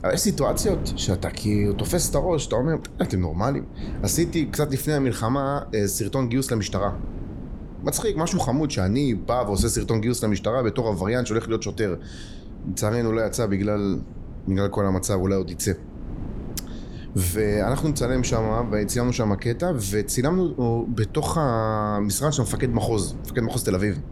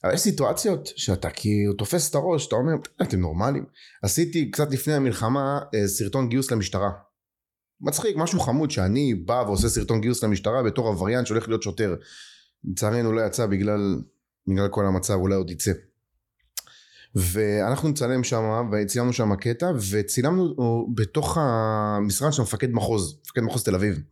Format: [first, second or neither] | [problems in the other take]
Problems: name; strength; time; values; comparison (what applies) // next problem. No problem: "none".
second | wind noise on the microphone; occasional gusts; 15 dB below the speech